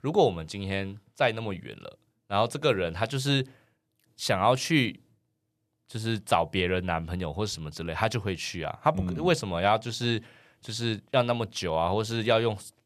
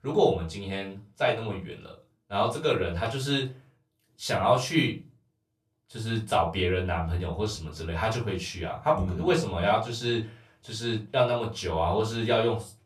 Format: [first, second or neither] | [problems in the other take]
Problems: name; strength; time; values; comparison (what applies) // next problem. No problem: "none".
first | off-mic speech; far // room echo; very slight; dies away in 0.2 s